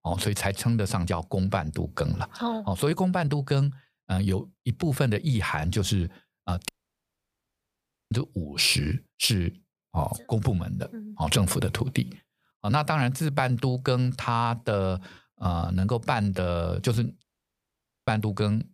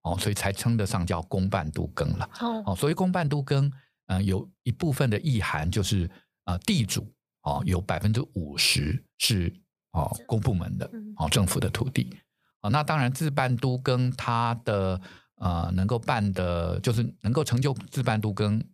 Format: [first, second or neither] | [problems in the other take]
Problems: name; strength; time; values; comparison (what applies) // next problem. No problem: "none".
second | audio cutting out; at 6.5 s for 1.5 s and at 17 s for 1 s